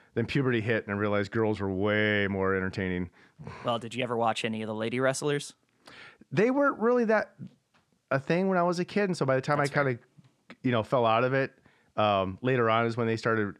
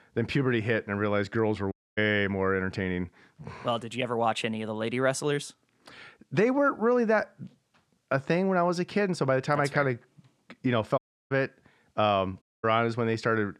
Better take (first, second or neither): first